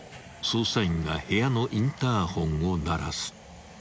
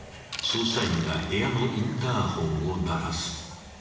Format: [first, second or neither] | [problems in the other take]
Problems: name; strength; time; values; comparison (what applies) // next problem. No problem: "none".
first | background sound (Sink (filling or washing)); 13 dB below the speech // room echo; dies away in 1.2 s